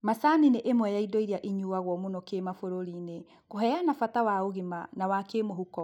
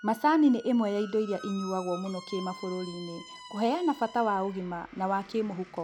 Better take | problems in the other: first | background sound (Squeak); 18 dB below the speech

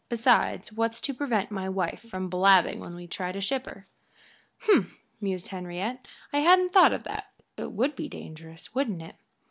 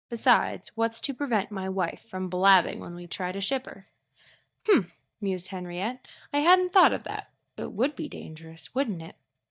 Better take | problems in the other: first | noise reduction (neural mask model DeepFilterNet 3)

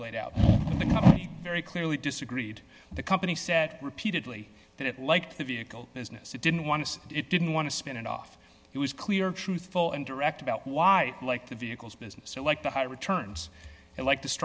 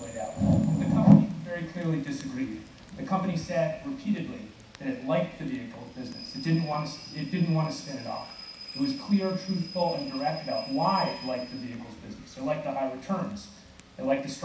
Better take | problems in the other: first | background sound (Rain / Train); 17 dB below the speech // room echo; dies away in 0.7 s

